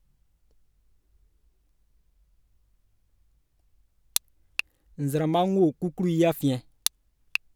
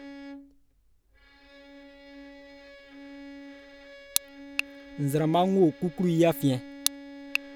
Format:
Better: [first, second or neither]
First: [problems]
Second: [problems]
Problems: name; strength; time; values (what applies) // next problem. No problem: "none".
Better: first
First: none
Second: background sound (Bowed string instrument); 16 dB below the speech